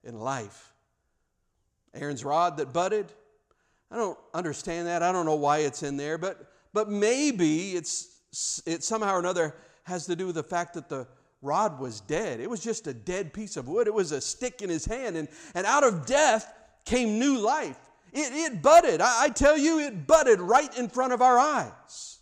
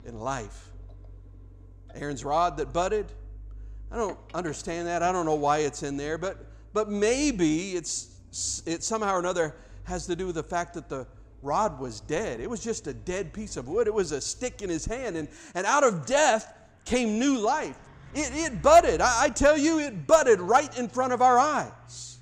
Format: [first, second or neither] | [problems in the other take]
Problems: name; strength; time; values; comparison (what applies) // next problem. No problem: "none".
first | traffic noise; faint; throughout; 25 dB below the speech